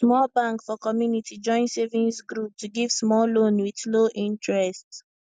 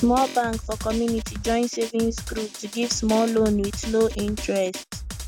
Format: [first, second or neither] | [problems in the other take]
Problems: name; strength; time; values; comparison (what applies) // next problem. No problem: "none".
first | background sound (Drum); 10 dB below the speech